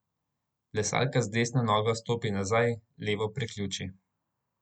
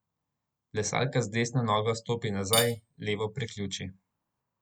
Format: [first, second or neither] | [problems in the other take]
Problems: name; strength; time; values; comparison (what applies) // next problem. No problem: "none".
first | background sound (Cutlery, silverware / Dishes, pots, and pans); 6 dB below the speech